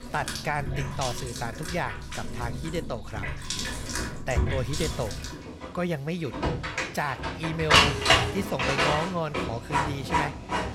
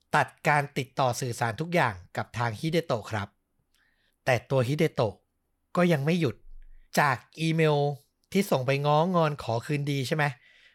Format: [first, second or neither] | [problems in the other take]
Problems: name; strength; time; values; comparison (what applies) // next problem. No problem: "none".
second | household noises; very loud; throughout; 5 dB above the speech